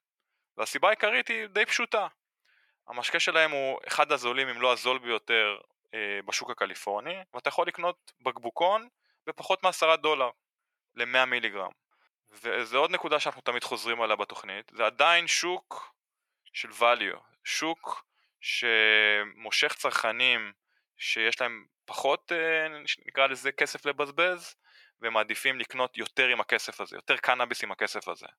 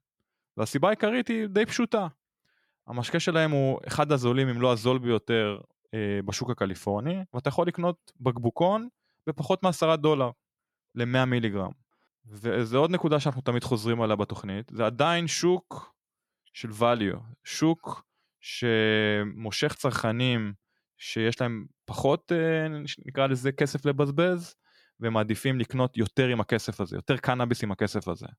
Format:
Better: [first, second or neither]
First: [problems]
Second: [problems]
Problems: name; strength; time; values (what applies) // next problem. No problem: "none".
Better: second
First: thin; very; fading below 700 Hz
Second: none